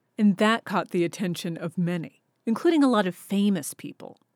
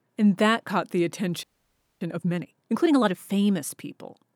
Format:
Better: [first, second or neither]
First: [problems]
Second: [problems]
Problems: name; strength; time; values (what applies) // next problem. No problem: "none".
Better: first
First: none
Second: audio freezing; at 1.5 s for 0.5 s